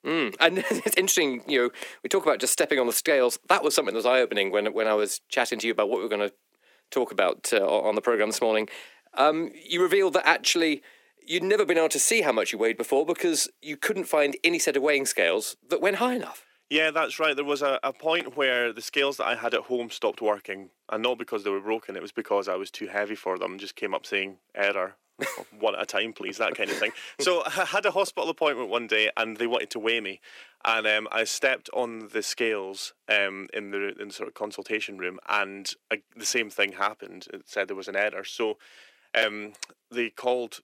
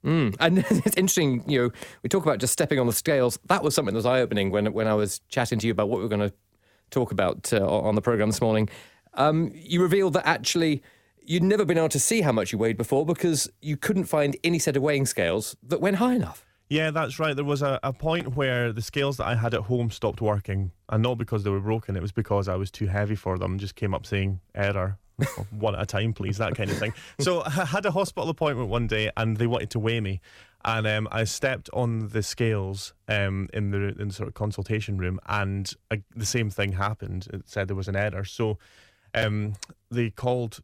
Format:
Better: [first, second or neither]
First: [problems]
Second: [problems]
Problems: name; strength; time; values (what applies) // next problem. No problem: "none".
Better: second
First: thin; somewhat; fading below 300 Hz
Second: none